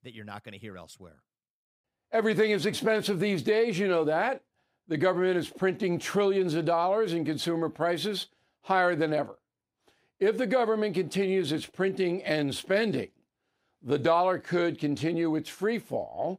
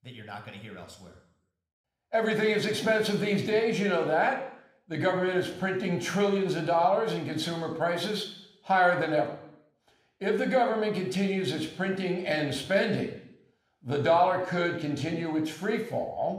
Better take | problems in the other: first | room echo; slight; dies away in 0.7 s

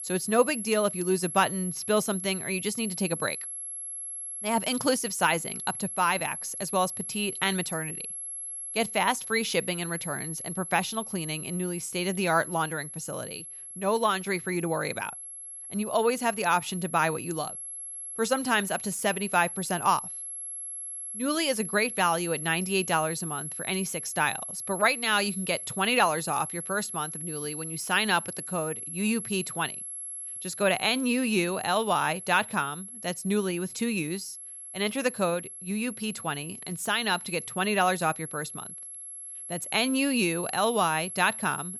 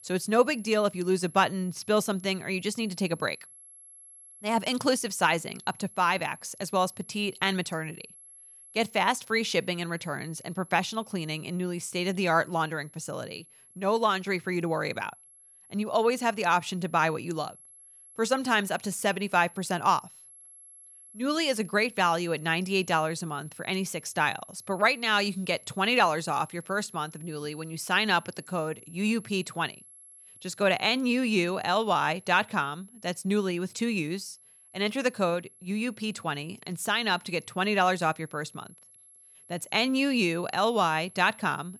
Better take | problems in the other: second | high-pitched whine; loud; throughout; 11 kHz, 7 dB below the speech; faint in the second

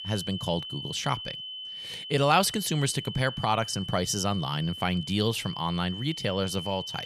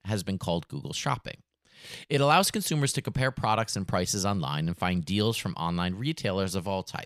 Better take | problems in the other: second | high-pitched whine; loud; throughout; 3 kHz, 9 dB below the speech

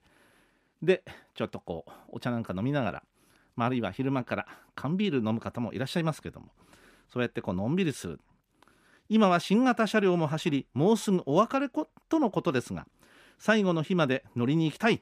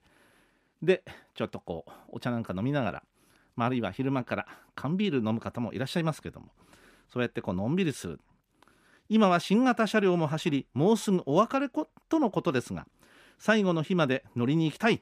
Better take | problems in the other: neither | none

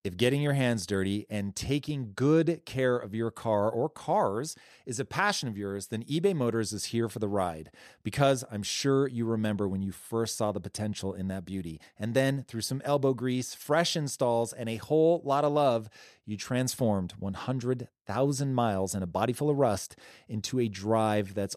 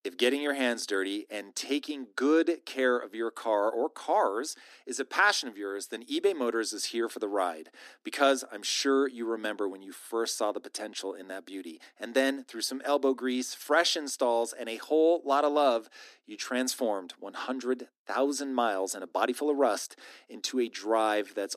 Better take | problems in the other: first | thin; very slightly; fading below 250 Hz

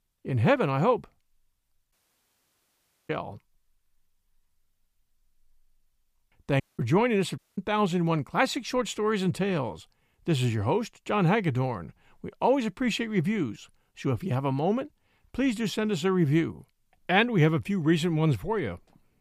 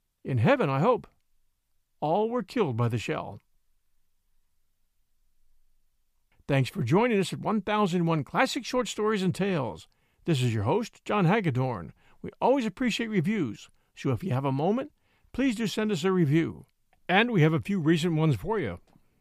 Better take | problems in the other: second | audio cutting out; at 2 s for 1 s, at 6.5 s and at 7.5 s

